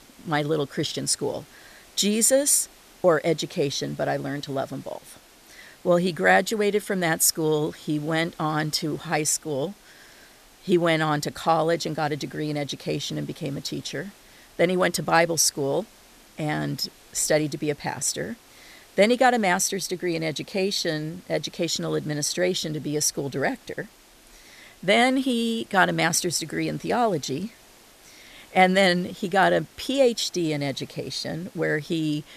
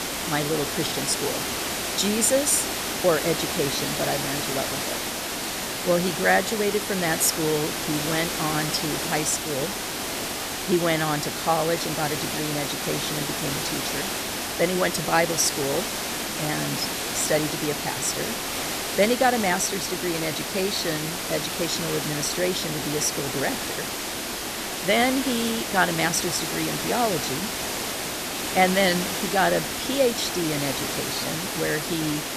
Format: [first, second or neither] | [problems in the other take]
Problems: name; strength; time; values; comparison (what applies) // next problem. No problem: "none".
first | hiss; loud; throughout; 2 dB below the speech; faint in the first